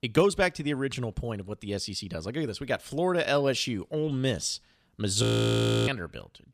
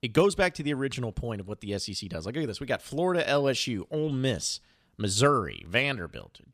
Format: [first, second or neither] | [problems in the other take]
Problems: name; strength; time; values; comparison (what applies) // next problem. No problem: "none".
second | audio freezing; at 5 s for 0.5 s